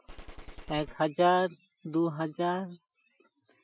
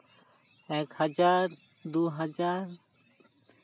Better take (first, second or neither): second